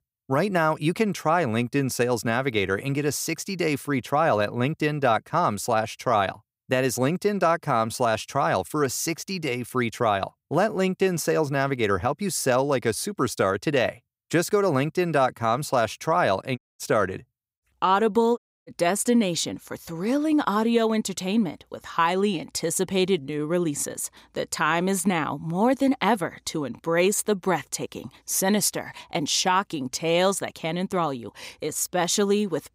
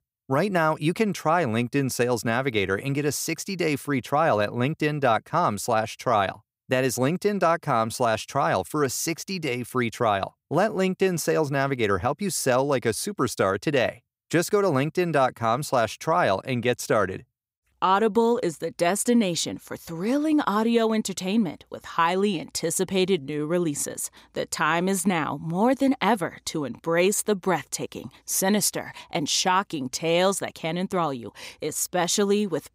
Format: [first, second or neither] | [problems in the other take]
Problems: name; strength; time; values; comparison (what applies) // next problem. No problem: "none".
second | audio cutting out; at 17 s and at 18 s